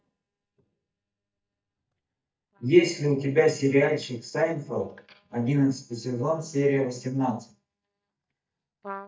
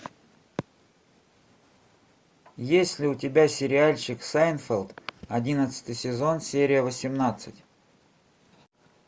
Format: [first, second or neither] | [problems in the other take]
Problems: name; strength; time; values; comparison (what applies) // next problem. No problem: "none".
second | noise reduction (neural mask model DeepFilterNet 3)